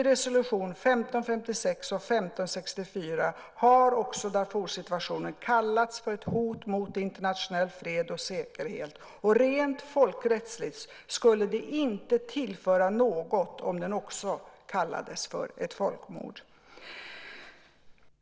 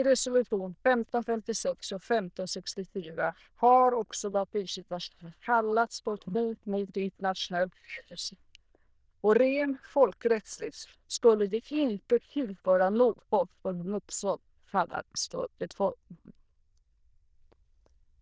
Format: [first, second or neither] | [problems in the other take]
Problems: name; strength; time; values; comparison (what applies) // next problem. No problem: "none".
first | noise reduction (neural diffusion model UNIVERSE++)